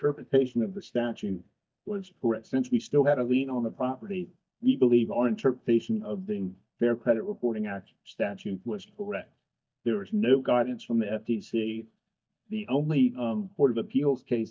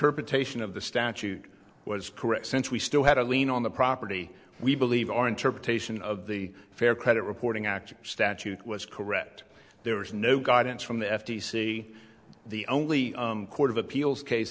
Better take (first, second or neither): second